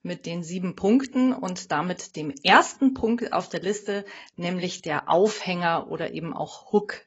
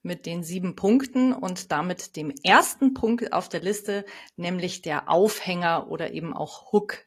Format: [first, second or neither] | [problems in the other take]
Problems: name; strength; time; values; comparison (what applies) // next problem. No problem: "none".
second | garbled, watery; badly; nothing above 7.5 kHz; slightly in the second